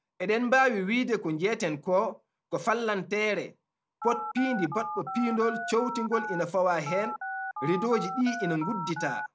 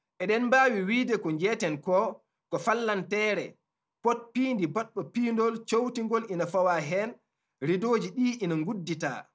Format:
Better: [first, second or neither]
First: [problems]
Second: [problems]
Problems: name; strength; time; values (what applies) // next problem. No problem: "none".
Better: second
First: background sound (Telephone); 6 dB below the speech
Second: none